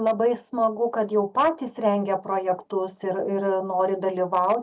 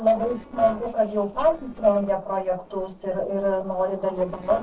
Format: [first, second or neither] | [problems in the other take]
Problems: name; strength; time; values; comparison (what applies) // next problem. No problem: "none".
first | noise reduction (neural separator model SepFormer DNS4)